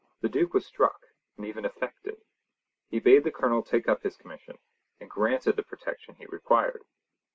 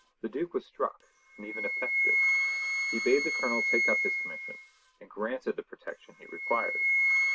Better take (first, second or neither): first